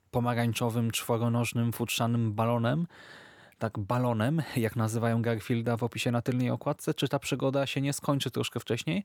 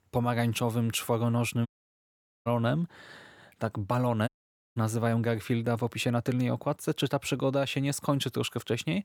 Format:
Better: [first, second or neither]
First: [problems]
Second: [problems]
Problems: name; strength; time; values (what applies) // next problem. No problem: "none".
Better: first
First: none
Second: audio cutting out; at 1.5 s for 1 s and at 4.5 s